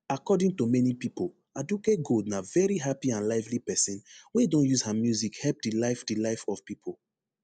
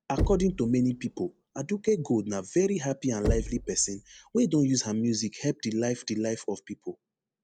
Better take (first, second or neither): first